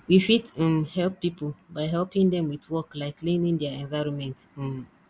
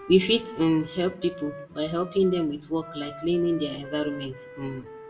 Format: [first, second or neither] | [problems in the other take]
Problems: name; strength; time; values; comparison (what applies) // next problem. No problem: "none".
first | background sound (Wind instrument, woodwind instrument); 16 dB below the speech // room echo; dies away in 0.4 s